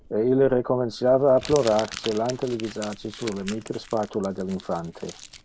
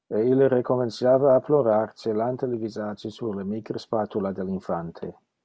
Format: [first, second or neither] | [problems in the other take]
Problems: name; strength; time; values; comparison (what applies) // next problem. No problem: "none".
second | background sound (Crumpling, crinkling); 17 dB below the speech